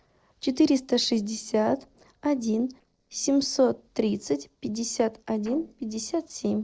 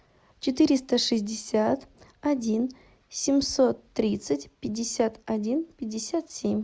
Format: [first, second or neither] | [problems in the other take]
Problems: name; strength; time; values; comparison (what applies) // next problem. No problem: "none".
second | noise reduction (neural separator model SepFormer DNS4)